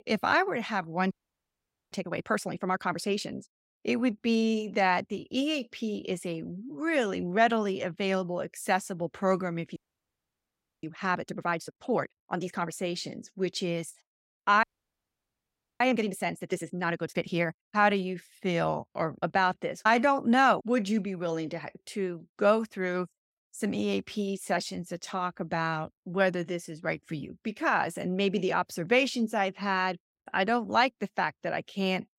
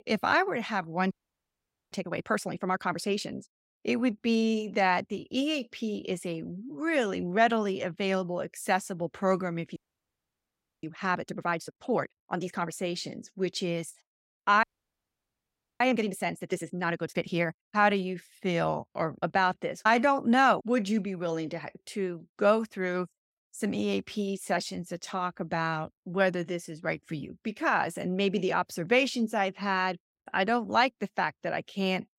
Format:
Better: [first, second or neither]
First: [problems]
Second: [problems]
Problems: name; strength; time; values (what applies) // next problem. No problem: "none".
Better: neither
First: audio freezing; at 1 s for 1 s, at 10 s for 1 s and at 15 s for 1 s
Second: audio freezing; at 1 s for 1 s, at 10 s for 1 s and at 15 s for 1 s